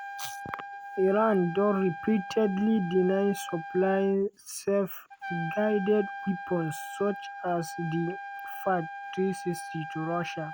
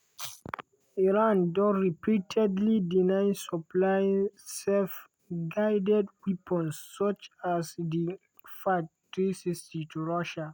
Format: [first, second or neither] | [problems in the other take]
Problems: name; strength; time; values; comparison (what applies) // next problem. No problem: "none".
second | background sound (Trumpet); 11 dB below the speech